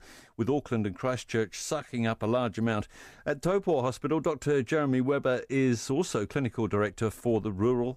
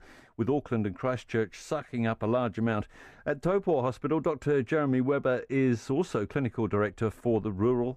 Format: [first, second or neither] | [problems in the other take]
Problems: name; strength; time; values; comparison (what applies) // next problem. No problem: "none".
first | muffled; slightly; fading above 3.5 kHz